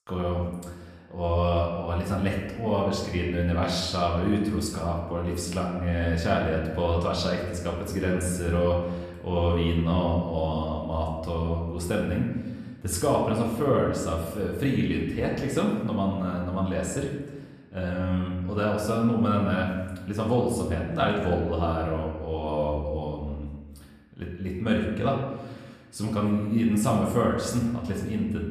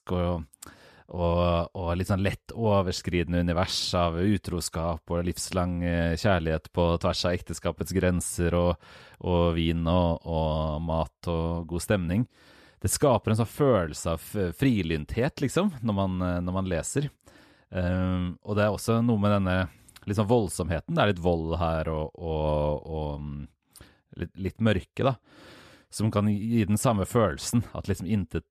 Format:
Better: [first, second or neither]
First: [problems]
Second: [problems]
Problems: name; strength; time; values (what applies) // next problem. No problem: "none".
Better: second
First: room echo; noticeable; dies away in 1.1 s // off-mic speech; somewhat distant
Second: none